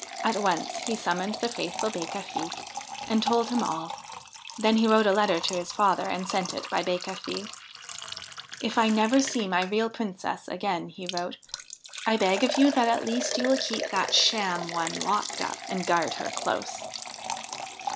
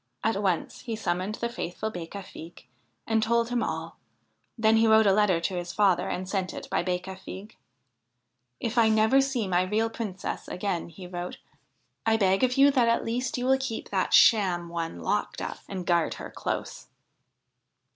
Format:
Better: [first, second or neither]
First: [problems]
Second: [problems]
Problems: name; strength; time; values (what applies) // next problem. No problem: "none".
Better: second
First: background sound (Liquid); 9 dB below the speech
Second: none